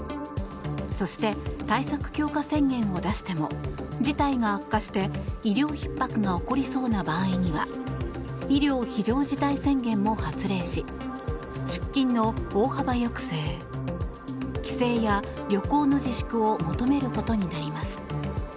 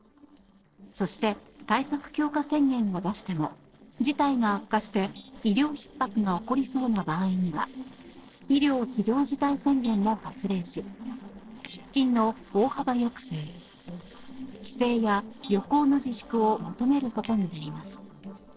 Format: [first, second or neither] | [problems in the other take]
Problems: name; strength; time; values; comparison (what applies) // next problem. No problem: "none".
first | noise reduction (neural separator model SepFormer DNS4)